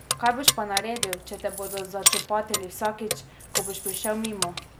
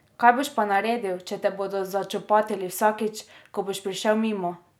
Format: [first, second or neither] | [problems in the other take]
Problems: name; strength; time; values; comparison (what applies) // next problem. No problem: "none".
second | background sound (Keys jangling); 2 dB above the speech